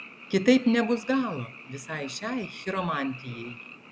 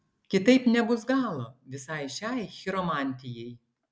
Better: second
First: background sound (Frog); 16 dB below the speech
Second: none

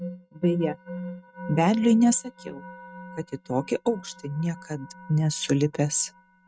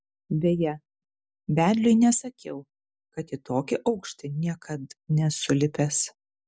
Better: second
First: noise reduction (neural mask model RNNoise)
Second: none

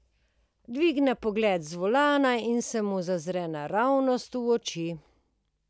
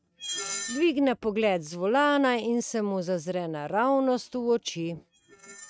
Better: first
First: none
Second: noise reduction (neural mask model RNNoise)

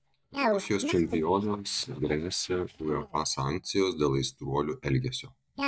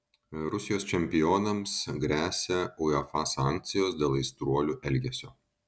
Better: second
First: noise reduction (neural mask model DeepFilterNet 3)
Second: none

